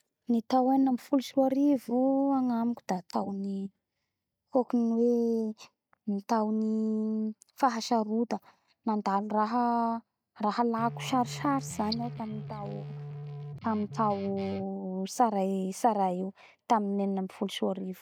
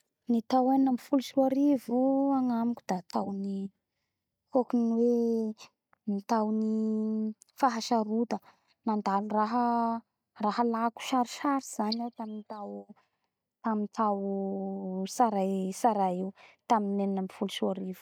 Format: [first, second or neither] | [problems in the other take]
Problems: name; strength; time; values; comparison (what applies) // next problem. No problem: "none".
second | background sound (Guitar); 12 dB below the speech